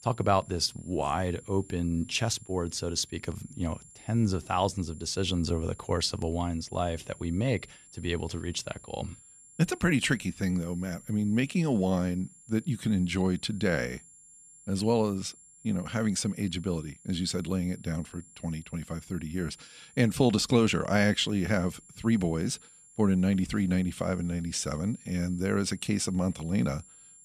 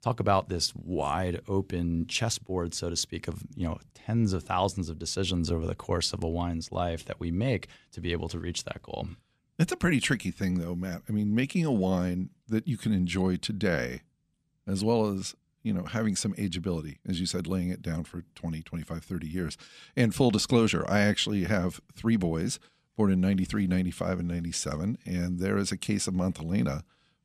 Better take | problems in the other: second | high-pitched whine; faint; throughout; 7.5 kHz, 20 dB below the speech

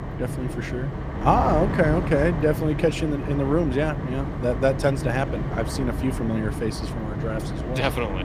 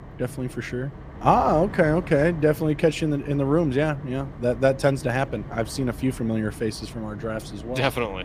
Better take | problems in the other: second | wind noise on the microphone; heavy; 8 dB below the speech; occasional gusts in the second

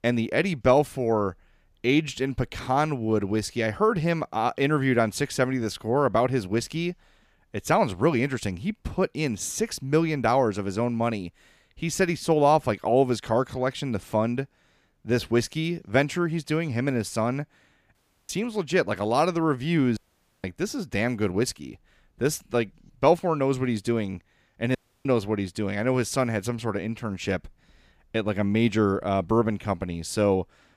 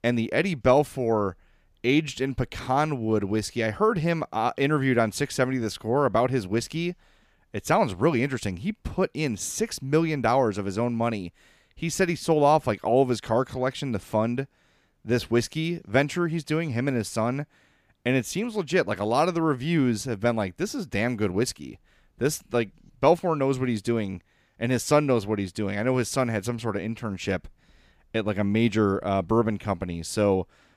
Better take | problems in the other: second | audio cutting out; at 18 s, at 20 s and at 25 s

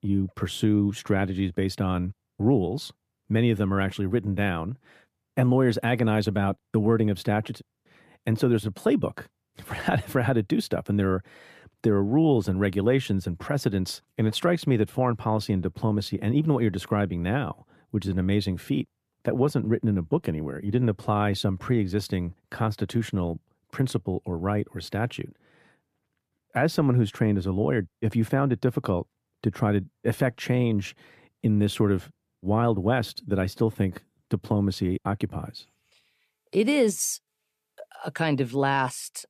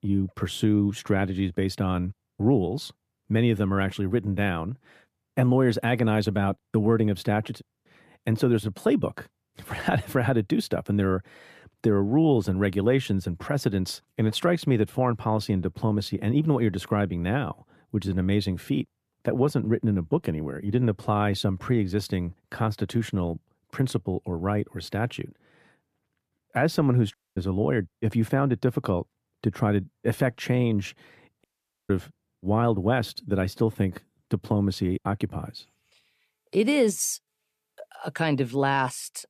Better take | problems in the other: first | audio cutting out; at 27 s and at 31 s

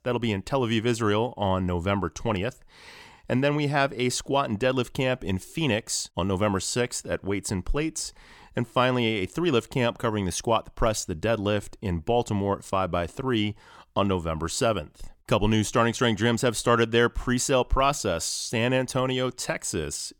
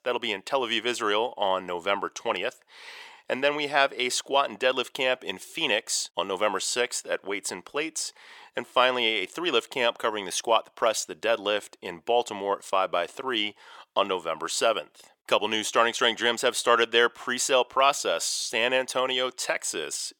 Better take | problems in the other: first | thin; very; fading below 550 Hz

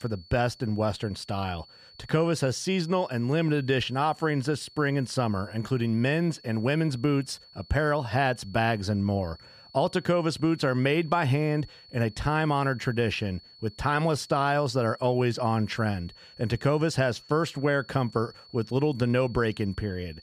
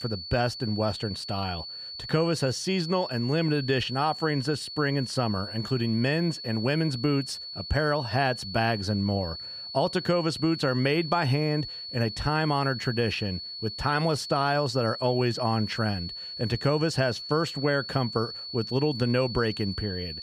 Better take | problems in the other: first | high-pitched whine; loud; throughout; 4.5 kHz, 8 dB below the speech; faint in the first

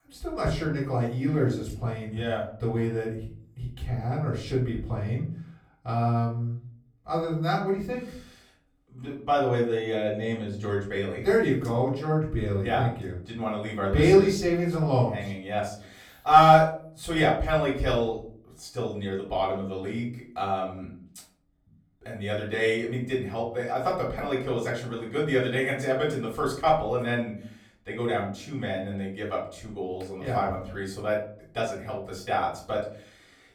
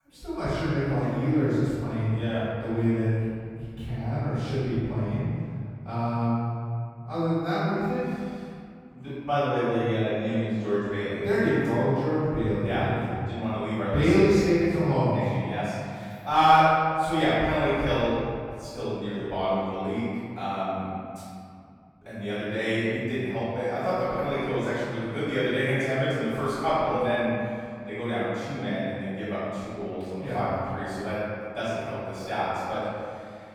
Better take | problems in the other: first | room echo; strong; dies away in 2.2 s; slight in the first // off-mic speech; far; far in the first

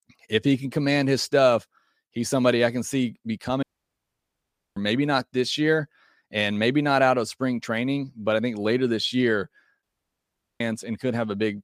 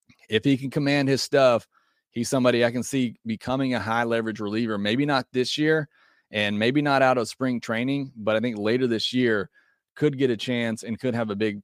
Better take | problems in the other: second | audio cutting out; at 3.5 s for 1 s and at 10 s for 1 s

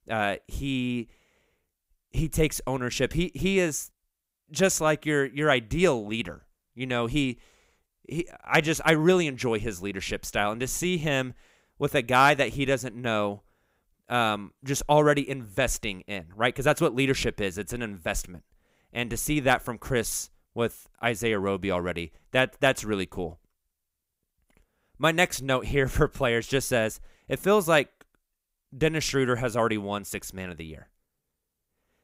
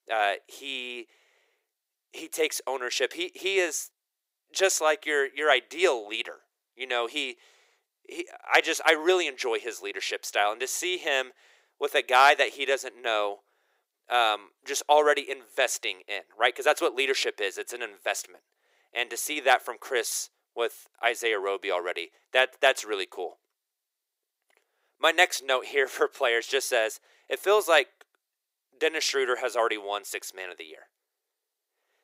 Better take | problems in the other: first | thin; very; fading below 350 Hz

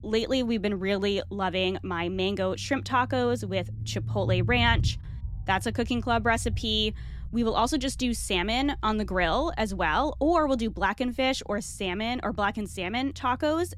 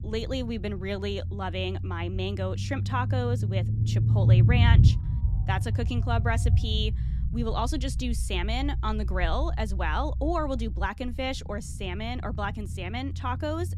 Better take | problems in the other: first | low rumble; loud; throughout; 10 dB below the speech; faint in the first

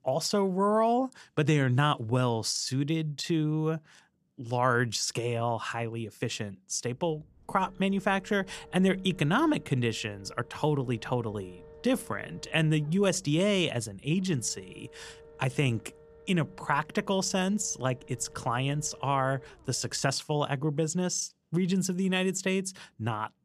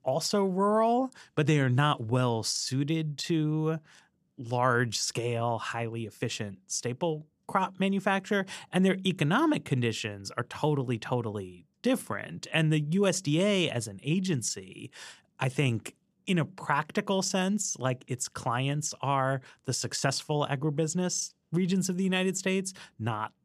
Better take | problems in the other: second | low rumble; faint; from 7 to 20 s; 25 dB below the speech

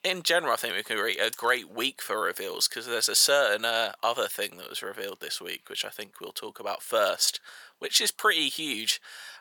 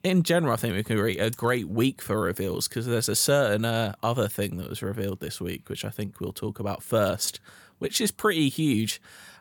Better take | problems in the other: second | thin; very; fading below 650 Hz

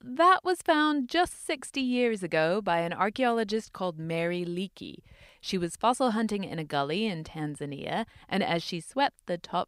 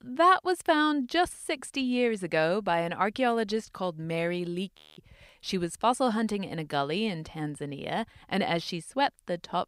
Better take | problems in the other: first | audio freezing; at 5 s

